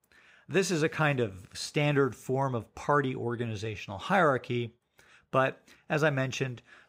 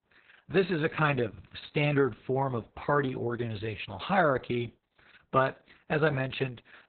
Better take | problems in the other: first | garbled, watery; badly; nothing above 4 kHz

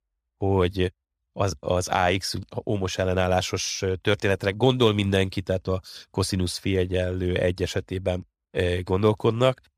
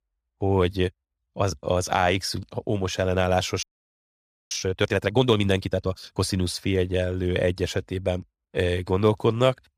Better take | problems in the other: first | audio freezing; at 3.5 s for 1 s

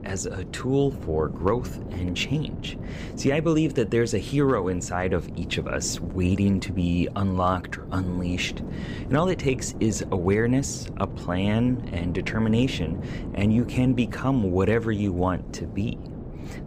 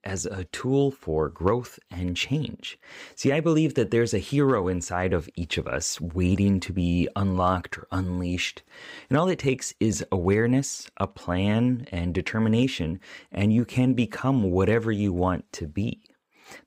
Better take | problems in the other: second | wind noise on the microphone; occasional gusts; 15 dB below the speech

